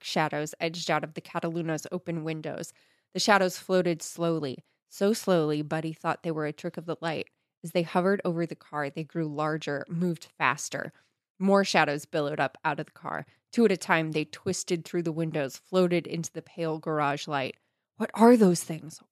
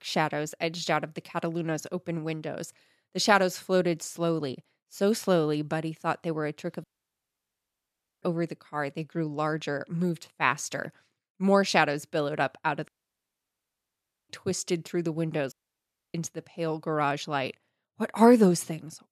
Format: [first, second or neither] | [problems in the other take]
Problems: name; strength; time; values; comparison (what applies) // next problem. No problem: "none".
first | audio cutting out; at 7 s for 1.5 s, at 13 s for 1.5 s and at 16 s for 0.5 s